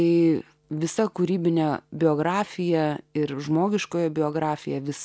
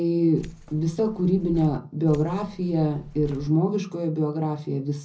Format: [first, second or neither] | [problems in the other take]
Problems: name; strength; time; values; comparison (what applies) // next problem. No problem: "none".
first | background sound (Keys jangling); 18 dB below the speech // room echo; dies away in 0.4 s